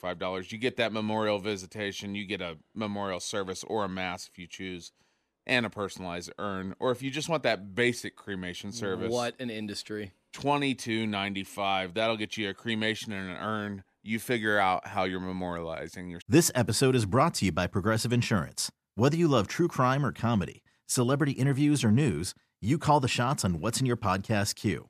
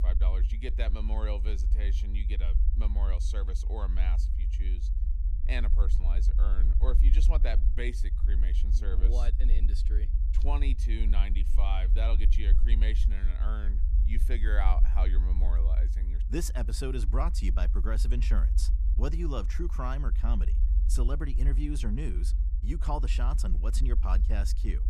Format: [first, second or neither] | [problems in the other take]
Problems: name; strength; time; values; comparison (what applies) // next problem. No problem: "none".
first | low rumble; loud; throughout; 10 dB below the speech